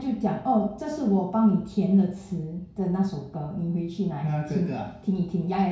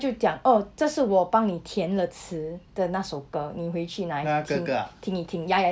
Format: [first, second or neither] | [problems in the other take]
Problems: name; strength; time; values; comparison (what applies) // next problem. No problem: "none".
second | room echo; dies away in 0.5 s